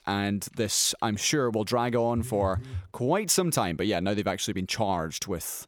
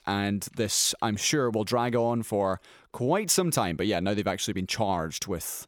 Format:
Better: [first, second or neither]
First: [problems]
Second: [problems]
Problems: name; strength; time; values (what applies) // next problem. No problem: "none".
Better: second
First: phone ringing; noticeable; at 2 s; peak 7 dB below the speech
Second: none